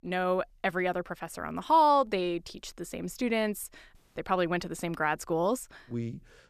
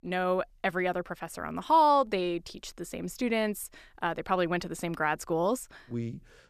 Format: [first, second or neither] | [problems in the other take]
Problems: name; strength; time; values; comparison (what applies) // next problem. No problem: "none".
second | audio cutting out; at 4 s